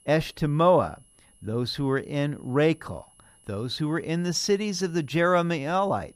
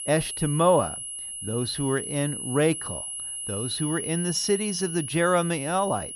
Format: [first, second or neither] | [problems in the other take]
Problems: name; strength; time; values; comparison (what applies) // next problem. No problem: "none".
first | high-pitched whine; loud; throughout; 10.5 kHz, 6 dB below the speech; faint in the first